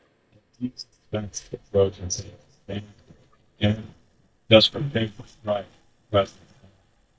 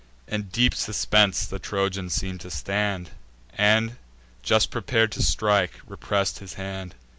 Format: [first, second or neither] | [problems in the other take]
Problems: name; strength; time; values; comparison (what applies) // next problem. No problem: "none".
second | noise reduction (neural mask model DeepFilterNet 3)